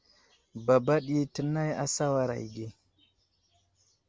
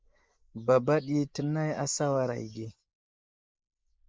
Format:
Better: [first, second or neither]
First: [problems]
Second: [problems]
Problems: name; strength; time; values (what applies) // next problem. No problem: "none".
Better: first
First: none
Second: noise reduction (neural mask model Resemble Enhance denoiser)